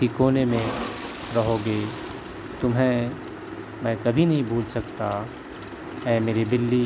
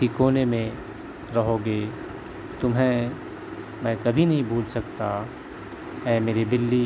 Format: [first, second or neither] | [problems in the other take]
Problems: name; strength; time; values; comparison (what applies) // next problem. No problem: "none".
second | background sound (Toilet flush); 15 dB below the speech